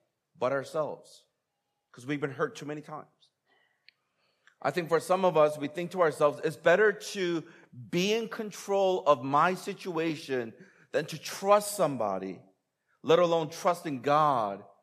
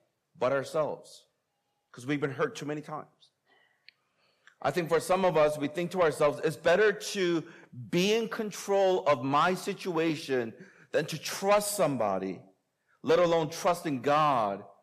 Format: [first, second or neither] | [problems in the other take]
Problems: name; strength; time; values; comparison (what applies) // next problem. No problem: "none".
first | distortion; slight; 10 dB below the speech